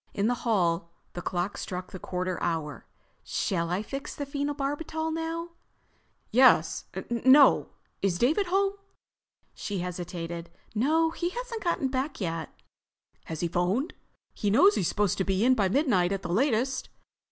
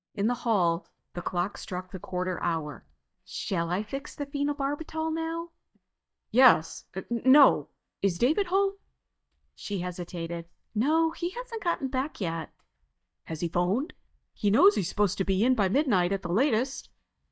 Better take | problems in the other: first | noise reduction (neural mask model DeepFilterNet 3)

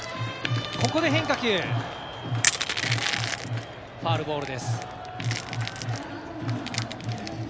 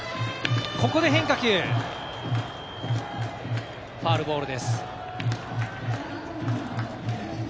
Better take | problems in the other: second | background sound (Crushing); 5 dB below the speech

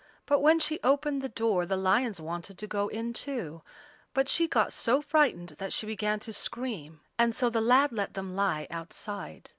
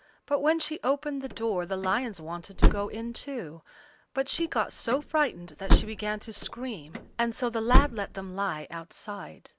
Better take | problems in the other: first | background sound (Slam / Car); 4 dB above the speech

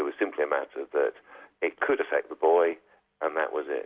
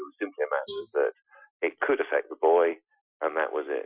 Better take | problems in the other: first | noise reduction (classical method Wiener filter)

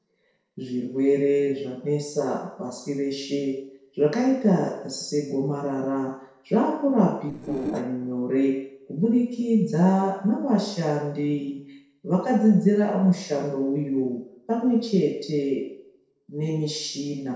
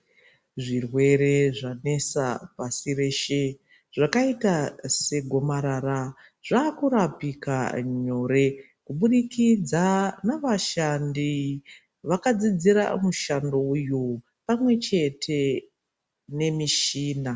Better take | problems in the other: second | noise reduction (neural separator model SepFormer DNS4)

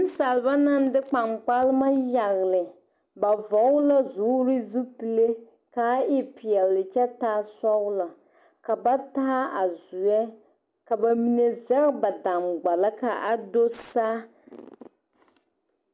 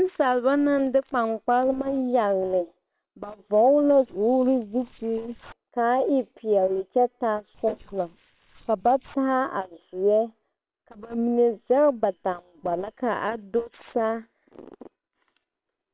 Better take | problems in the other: first | noise reduction (neural separator model SepFormer WHAM!)

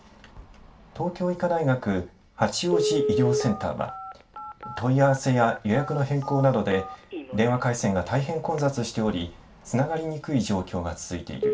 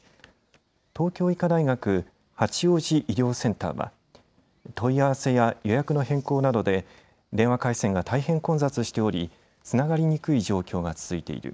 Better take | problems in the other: second | background sound (Telephone); 8 dB below the speech // room echo; dies away in 0.2 s

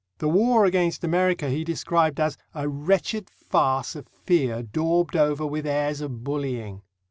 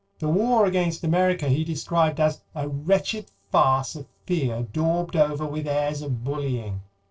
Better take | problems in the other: first | noise reduction (neural separator model SepFormer DNS4)

